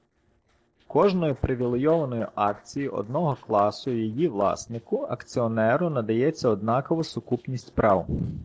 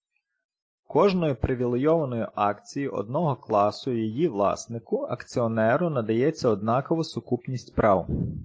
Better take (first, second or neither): second